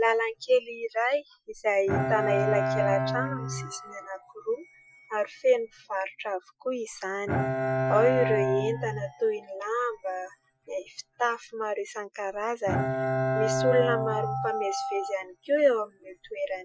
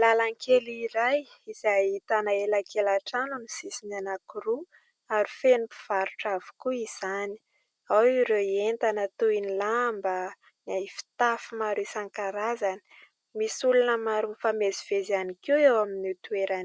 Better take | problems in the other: second | noise reduction (classical method Wiener filter)

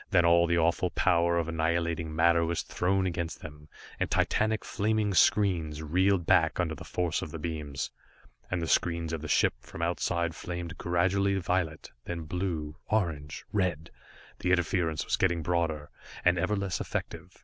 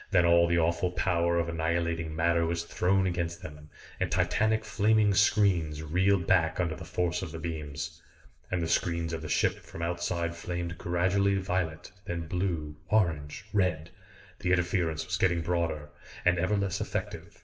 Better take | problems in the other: first | room echo; dies away in 0.6 s

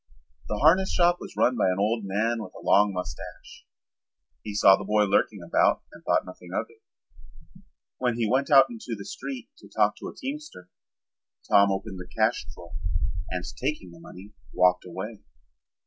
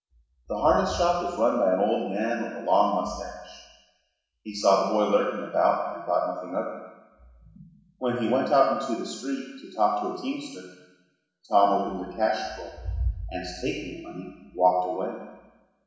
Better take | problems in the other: first | room echo; dies away in 1 s

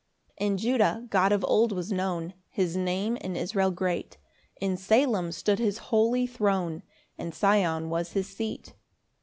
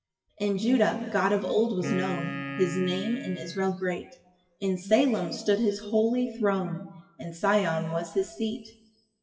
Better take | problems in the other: first | noise reduction (classical method WPE with log-MMSE)

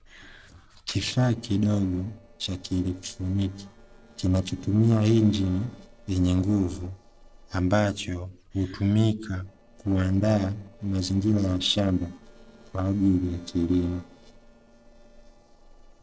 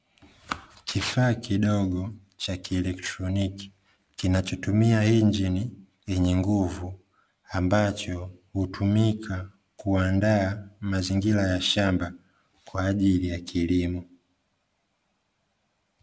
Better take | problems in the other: second | noise reduction (neural separator model SepFormer DNS4)

